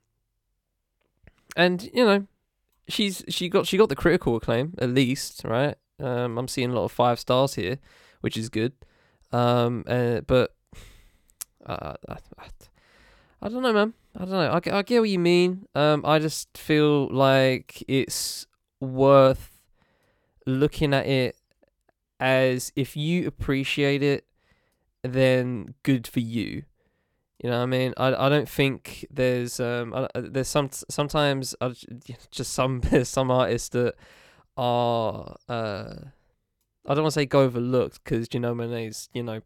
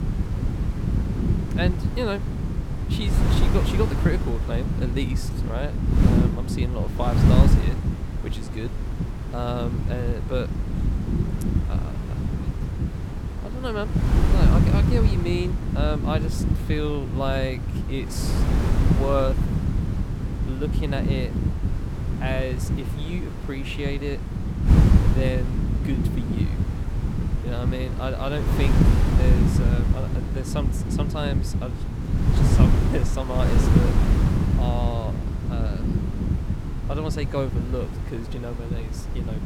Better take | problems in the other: first | wind noise on the microphone; heavy; 2 dB below the speech

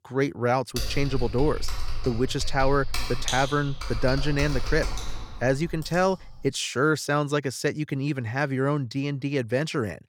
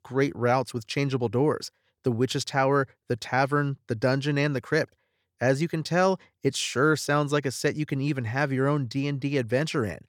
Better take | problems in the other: second | keyboard typing; noticeable; from 1 to 6.5 s; peak 3 dB below the speech

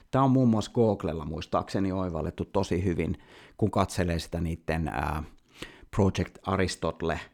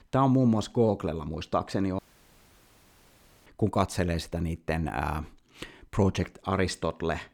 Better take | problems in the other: first | audio cutting out; at 2 s for 1.5 s

